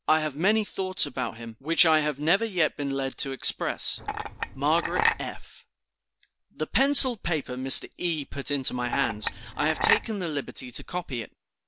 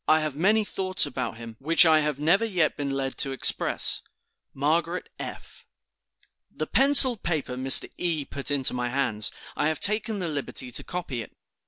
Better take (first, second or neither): second